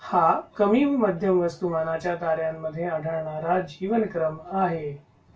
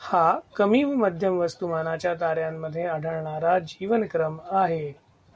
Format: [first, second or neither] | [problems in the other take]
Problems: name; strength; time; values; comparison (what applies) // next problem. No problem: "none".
second | room echo; dies away in 0.2 s